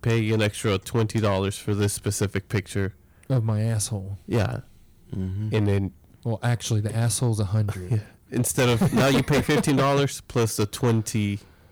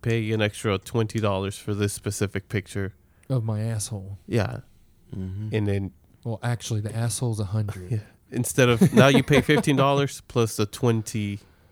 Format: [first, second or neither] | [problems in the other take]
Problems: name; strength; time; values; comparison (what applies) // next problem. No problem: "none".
second | distortion; heavy; 8% of the sound clipped